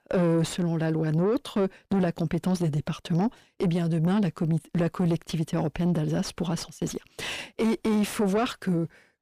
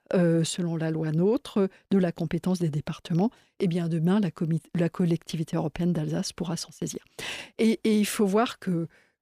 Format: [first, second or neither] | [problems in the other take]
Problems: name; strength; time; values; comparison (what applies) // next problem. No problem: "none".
second | distortion; slight; 10 dB below the speech